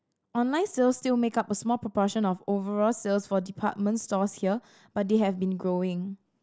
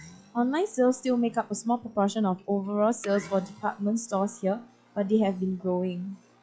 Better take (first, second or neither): first